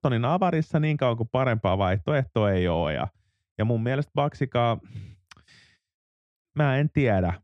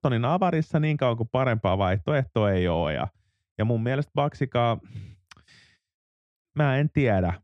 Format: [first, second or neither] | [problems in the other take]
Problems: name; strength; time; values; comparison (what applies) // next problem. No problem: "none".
neither | muffled; very; fading above 2 kHz; the same in both